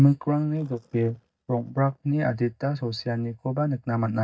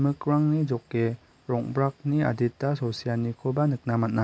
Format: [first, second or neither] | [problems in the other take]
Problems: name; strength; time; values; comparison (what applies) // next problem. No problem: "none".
second | noise reduction (neural mask model DeepFilterNet 3)